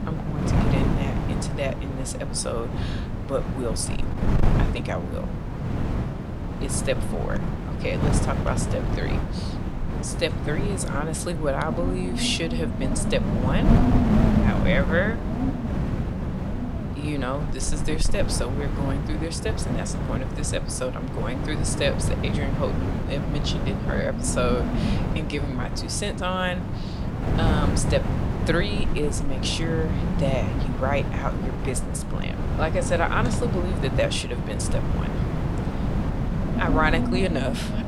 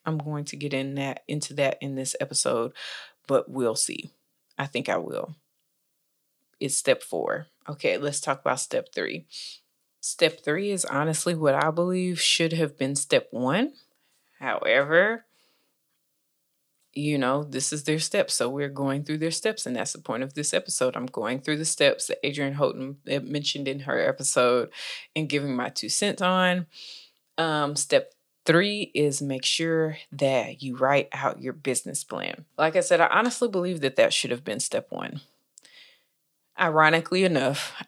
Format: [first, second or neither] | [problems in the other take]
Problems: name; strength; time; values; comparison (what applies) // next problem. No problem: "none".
second | wind noise on the microphone; heavy; 4 dB below the speech